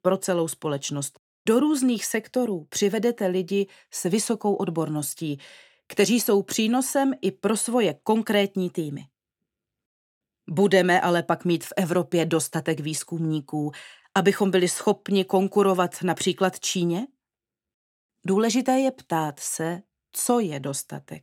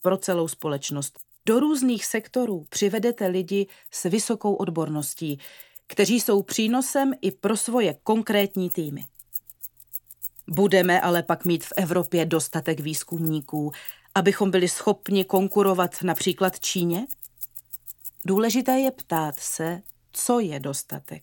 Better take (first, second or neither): first